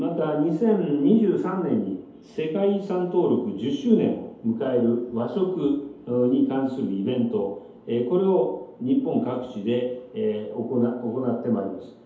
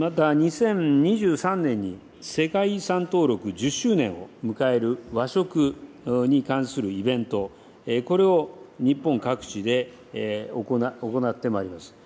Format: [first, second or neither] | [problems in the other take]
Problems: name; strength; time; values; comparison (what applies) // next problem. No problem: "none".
second | room echo; dies away in 2.2 s